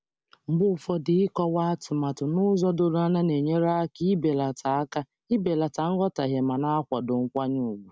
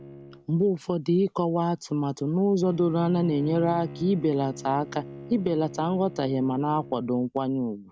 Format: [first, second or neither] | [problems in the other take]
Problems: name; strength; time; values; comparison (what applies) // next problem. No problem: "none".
first | background sound (Bowed string instrument); 17 dB below the speech